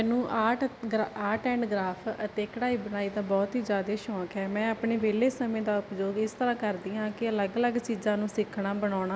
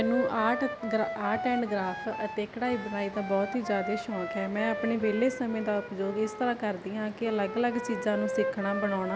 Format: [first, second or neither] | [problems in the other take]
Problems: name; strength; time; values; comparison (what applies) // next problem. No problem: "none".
first | background sound (Wind instrument, woodwind instrument); 6 dB below the speech